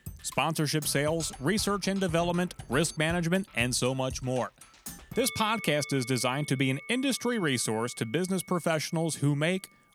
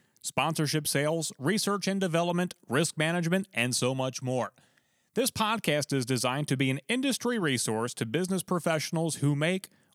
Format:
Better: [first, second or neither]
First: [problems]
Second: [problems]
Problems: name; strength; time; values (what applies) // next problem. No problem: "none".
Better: second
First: background music; noticeable; throughout; 15 dB below the speech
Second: none